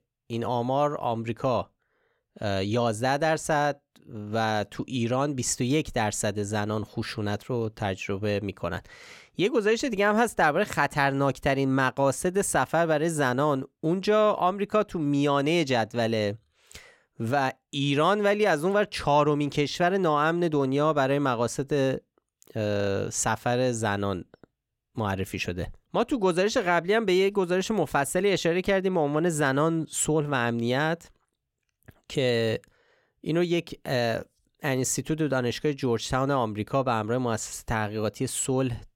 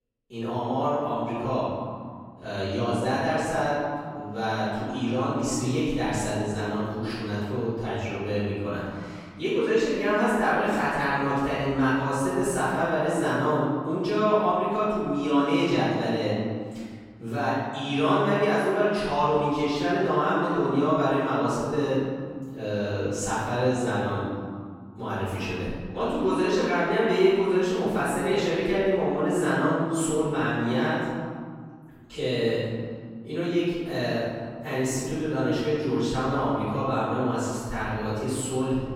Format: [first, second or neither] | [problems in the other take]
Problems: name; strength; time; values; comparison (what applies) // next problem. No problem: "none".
first | off-mic speech; far // room echo; strong; dies away in 2 s